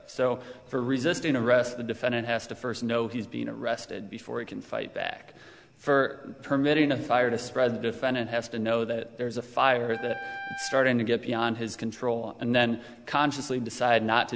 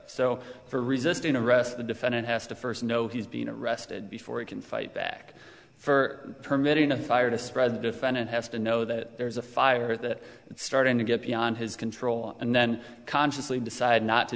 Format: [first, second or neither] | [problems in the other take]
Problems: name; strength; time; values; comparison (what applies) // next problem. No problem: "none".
second | background sound (Wind instrument, woodwind instrument); 13 dB below the speech